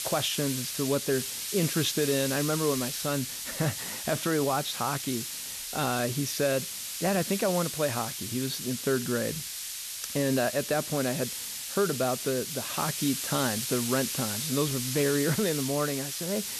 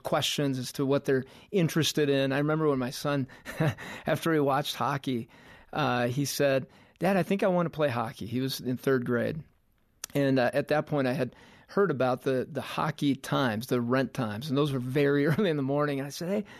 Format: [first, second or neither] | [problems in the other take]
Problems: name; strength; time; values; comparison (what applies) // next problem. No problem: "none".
second | hiss; loud; throughout; 3 dB below the speech